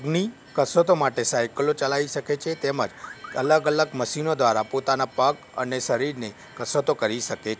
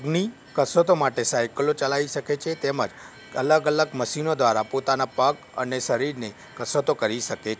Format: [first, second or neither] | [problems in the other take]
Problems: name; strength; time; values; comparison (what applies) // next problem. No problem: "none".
second | background sound (Car); 18 dB below the speech